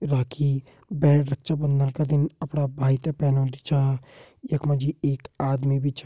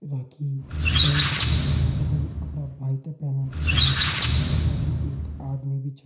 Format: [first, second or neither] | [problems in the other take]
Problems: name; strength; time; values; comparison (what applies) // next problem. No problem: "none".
first | background sound (Squeak); 5 dB above the speech // room echo; dies away in 0.5 s